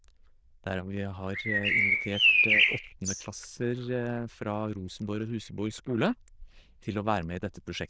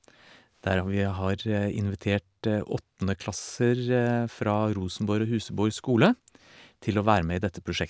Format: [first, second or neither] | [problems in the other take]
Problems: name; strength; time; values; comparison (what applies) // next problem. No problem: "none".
second | noise reduction (neural diffusion model UNIVERSE++)